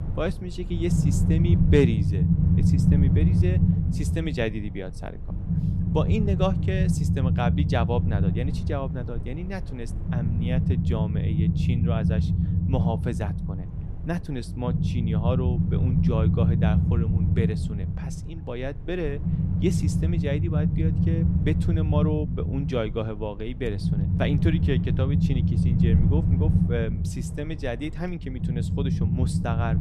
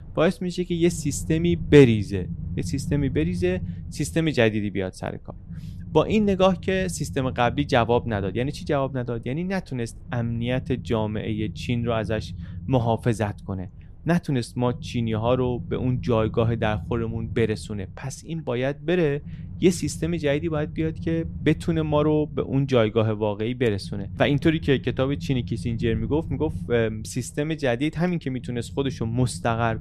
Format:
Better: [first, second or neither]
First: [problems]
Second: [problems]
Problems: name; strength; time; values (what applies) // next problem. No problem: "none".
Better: second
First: low rumble; loud; throughout; 2 dB below the speech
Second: low rumble; faint; throughout; 20 dB below the speech